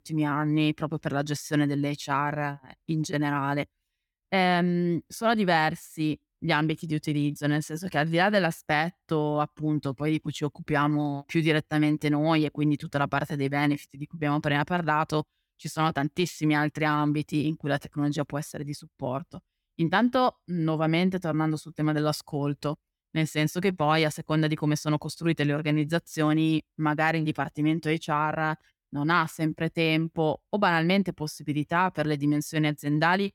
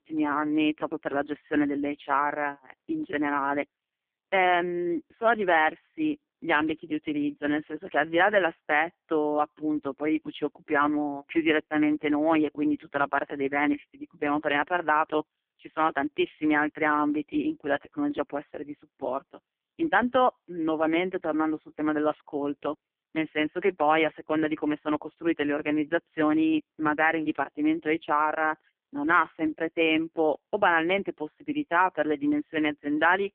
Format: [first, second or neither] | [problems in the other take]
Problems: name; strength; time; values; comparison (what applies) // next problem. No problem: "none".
first | phone-call audio; poor line; nothing above 3 kHz